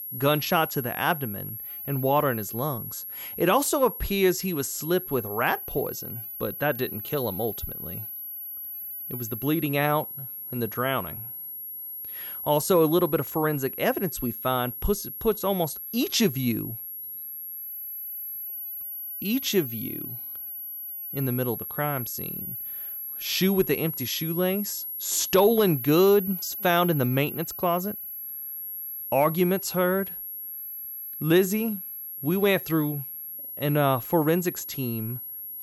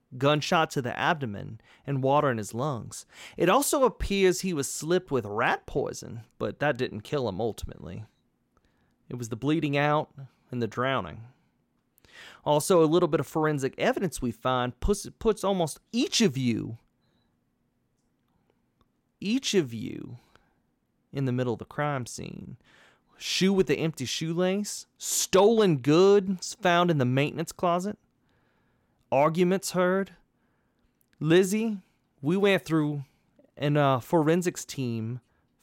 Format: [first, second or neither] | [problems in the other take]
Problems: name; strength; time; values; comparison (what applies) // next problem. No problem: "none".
second | high-pitched whine; loud; throughout; 11.5 kHz, 7 dB below the speech